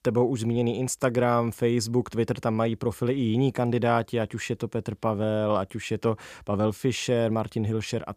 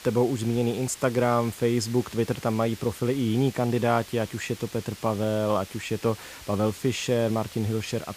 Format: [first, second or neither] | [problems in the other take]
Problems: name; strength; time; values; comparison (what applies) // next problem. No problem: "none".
first | hiss; noticeable; throughout; 15 dB below the speech